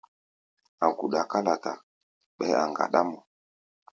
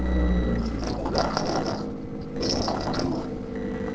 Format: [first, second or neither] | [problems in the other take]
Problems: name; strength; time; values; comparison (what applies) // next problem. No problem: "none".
first | noise reduction (neural separator model SepFormer DNS4)